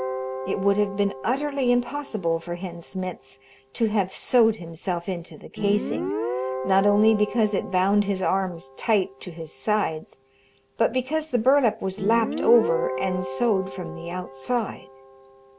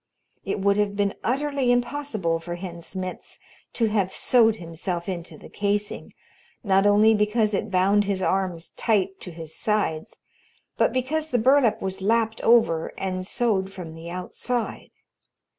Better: second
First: background sound (Guitar); 9 dB below the speech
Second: none

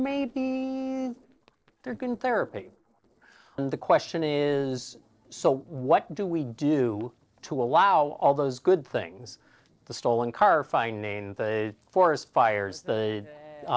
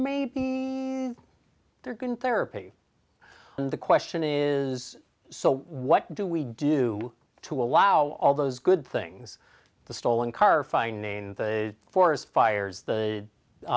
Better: second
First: noise reduction (neural separator model SepFormer DNS4)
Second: none

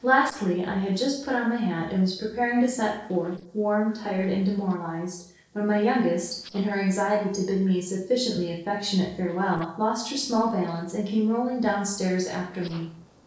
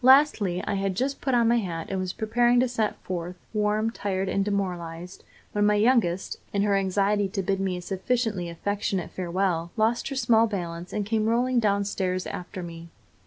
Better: second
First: noise reduction (neural separator model SepFormer DNS4)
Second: none

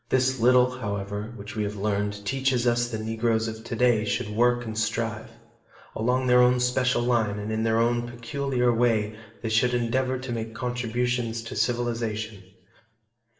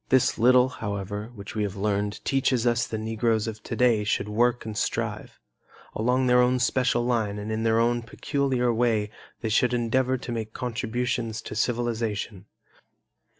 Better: second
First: room echo; dies away in 0.7 s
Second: none

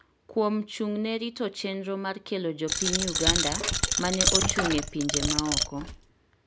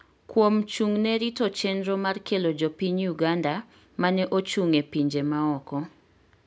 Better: second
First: background sound (Coin (dropping)); 3 dB above the speech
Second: none

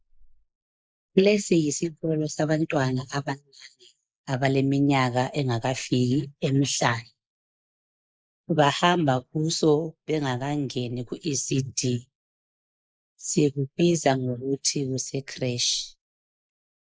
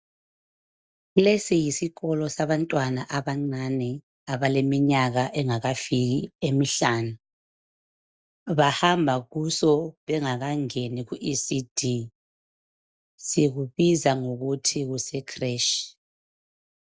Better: second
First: noise reduction (neural mask model Resemble Enhance denoiser)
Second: none

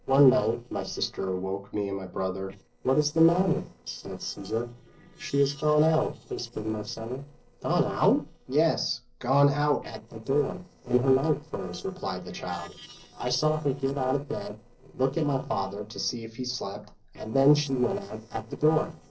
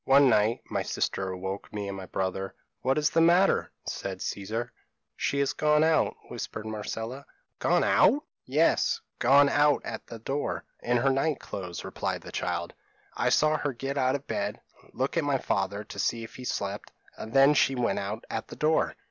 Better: second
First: noise reduction (neural separator model SepFormer DNS4)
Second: none

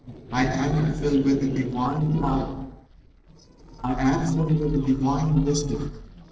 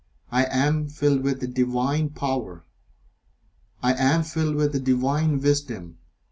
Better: second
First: noise reduction (neural separator model SepFormer DNS4)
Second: none

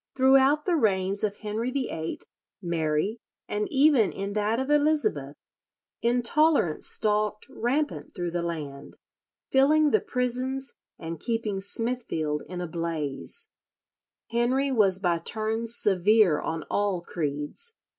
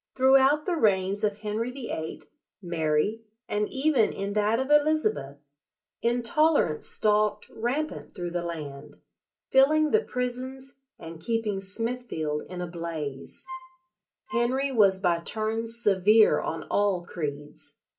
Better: first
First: none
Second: background sound (Wind instrument, woodwind instrument); 14 dB below the speech // room echo; dies away in 0.2 s

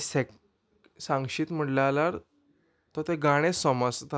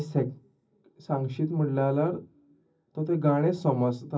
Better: first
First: none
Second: room echo; dies away in 0.4 s

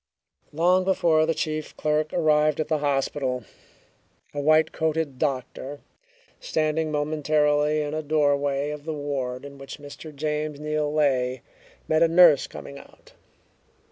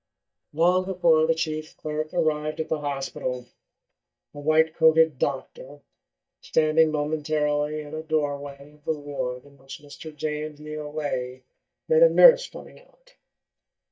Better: first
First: none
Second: noise reduction (neural mask model DeepFilterNet 3)

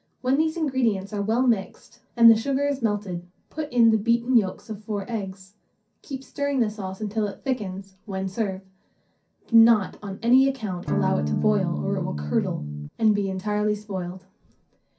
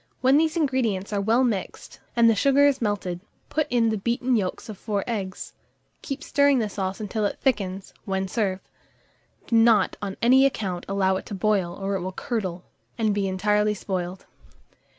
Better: second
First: background sound (Electric guitar / Strum); 2 dB below the speech // room echo; dies away in 0.3 s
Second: none

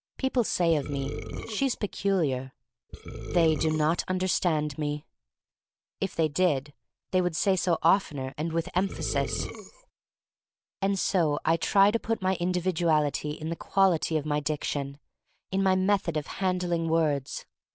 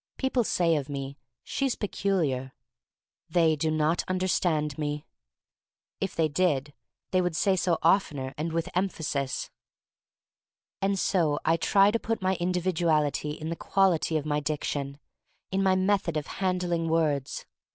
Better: second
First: background sound (Burping, eructation); 8 dB below the speech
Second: none

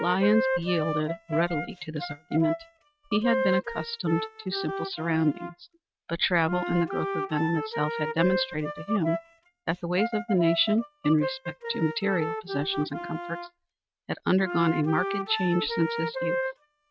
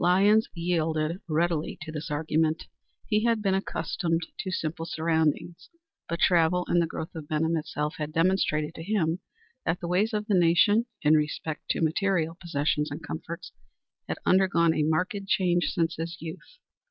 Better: second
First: noise reduction (neural mask model RNNoise)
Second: none

